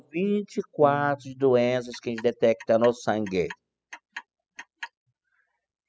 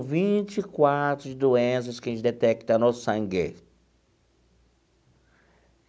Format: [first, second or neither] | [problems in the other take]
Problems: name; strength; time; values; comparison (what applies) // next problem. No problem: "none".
second | noise reduction (classical method spectral subtraction)